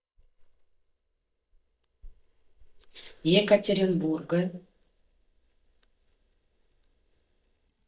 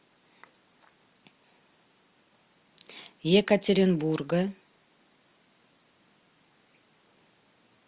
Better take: second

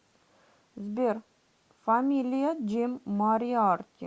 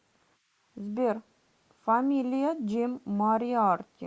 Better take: first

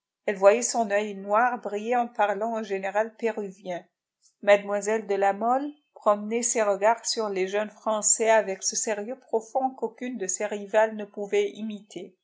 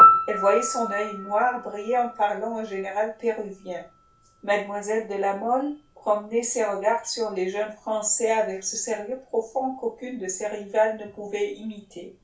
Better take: first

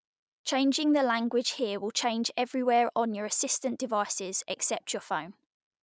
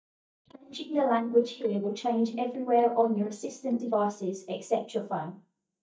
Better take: first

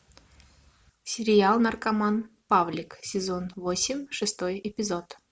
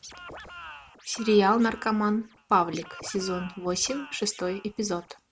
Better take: first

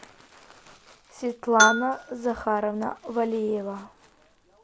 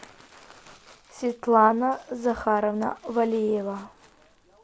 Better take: second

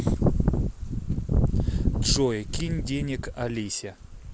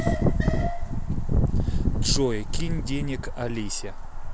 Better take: first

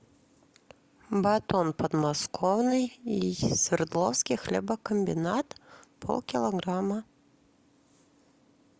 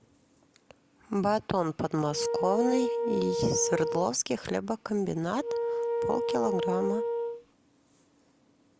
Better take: first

